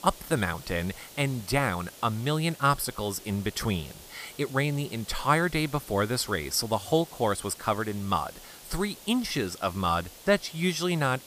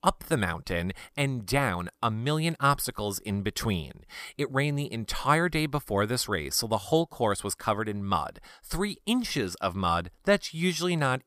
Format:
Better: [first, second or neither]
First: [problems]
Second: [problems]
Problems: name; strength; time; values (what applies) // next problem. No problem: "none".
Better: second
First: hiss; noticeable; throughout; 15 dB below the speech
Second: none